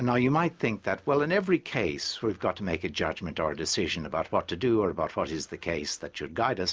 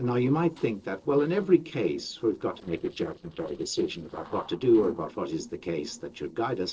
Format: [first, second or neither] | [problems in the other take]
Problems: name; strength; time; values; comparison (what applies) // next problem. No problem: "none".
first | noise reduction (neural separator model SepFormer DNS4)